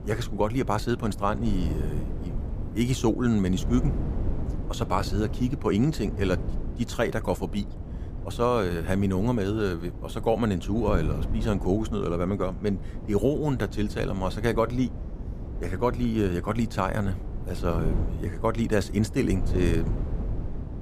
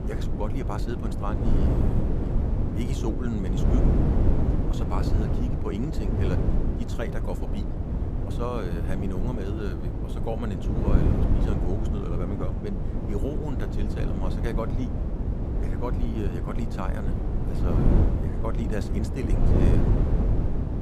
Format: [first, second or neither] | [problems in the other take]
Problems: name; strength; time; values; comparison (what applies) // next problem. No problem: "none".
first | wind noise on the microphone; heavy; 1 dB above the speech; occasional gusts in the first